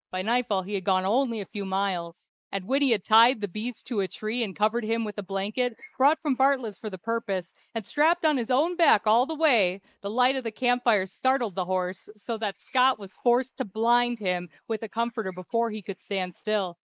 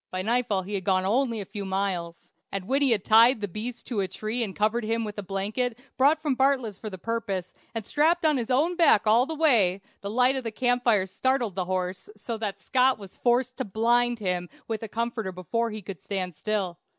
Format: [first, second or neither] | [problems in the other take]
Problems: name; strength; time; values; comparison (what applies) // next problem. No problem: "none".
second | noise reduction (neural mask model Resemble Enhance denoiser)